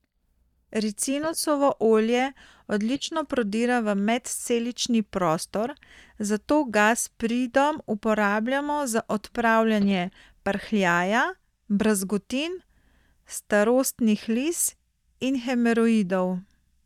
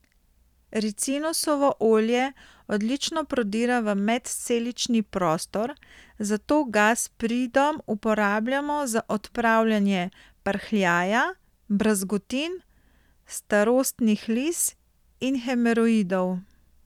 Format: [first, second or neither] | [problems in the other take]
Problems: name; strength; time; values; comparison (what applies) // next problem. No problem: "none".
second | noise reduction (neural mask model DeepFilterNet 3)